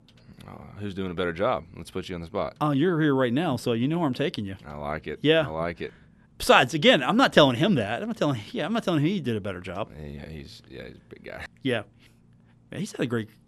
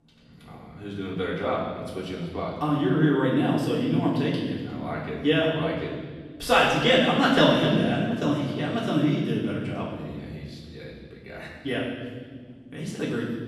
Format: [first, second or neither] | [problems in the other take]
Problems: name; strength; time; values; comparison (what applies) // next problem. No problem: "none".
first | off-mic speech; far // room echo; noticeable; dies away in 1.7 s